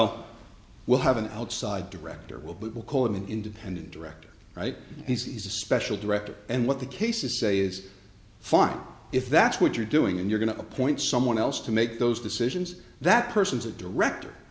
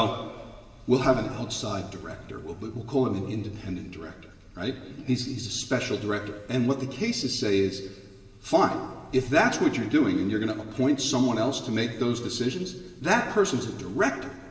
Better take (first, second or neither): first